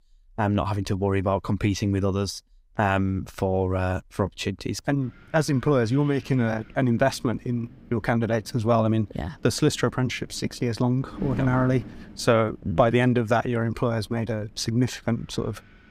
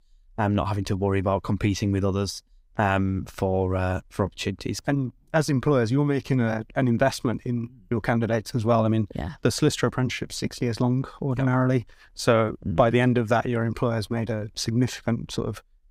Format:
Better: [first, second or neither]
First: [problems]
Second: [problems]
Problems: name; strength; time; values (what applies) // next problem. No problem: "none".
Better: second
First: wind noise on the microphone; occasional gusts; from 5 s on; 20 dB below the speech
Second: none